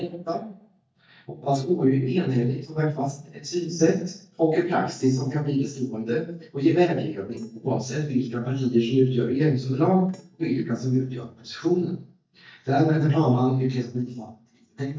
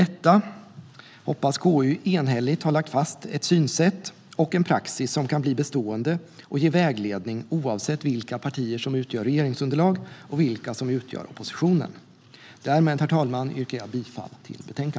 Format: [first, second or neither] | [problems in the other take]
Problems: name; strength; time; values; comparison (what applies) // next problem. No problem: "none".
second | noise reduction (neural mask model DeepFilterNet 3)